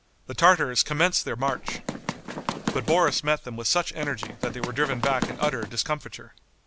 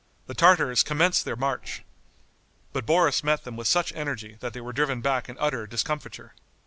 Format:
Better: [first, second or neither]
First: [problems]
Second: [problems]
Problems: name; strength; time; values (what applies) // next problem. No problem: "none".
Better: second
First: background sound (Run); 6 dB below the speech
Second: none